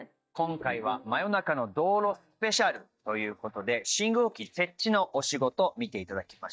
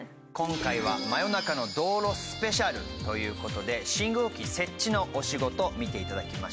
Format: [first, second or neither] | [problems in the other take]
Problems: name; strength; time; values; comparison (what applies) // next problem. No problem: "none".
second | noise reduction (neural mask model DeepFilterNet 3)